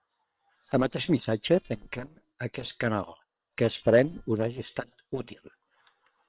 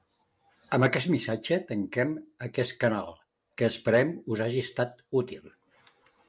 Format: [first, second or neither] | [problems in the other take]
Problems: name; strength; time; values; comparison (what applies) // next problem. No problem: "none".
second | noise reduction (neural separator model SepFormer WHAM!)